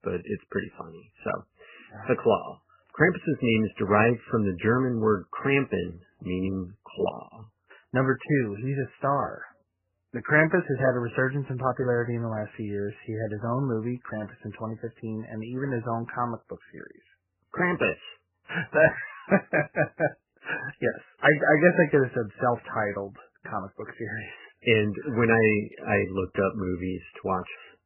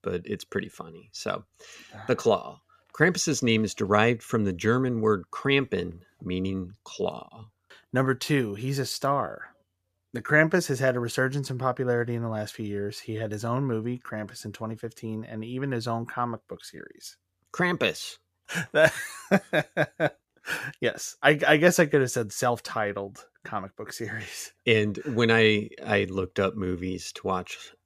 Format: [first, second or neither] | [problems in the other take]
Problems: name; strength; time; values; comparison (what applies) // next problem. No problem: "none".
second | garbled, watery; badly; nothing above 3 kHz